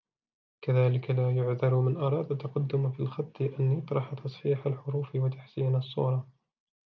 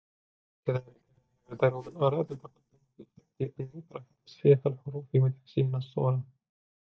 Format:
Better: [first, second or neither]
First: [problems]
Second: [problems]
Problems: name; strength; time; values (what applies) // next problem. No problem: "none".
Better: first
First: none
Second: noise reduction (neural mask model DeepFilterNet 3)